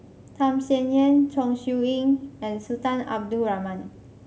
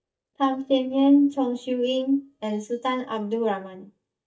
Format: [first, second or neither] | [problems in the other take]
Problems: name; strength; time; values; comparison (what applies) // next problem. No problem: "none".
first | noise reduction (neural mask model DeepFilterNet 3)